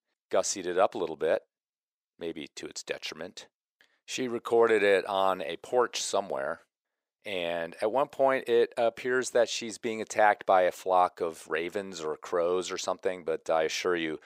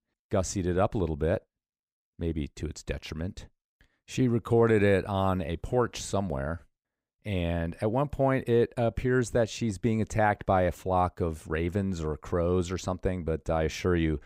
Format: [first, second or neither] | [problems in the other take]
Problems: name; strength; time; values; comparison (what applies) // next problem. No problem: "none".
second | thin; very; fading below 500 Hz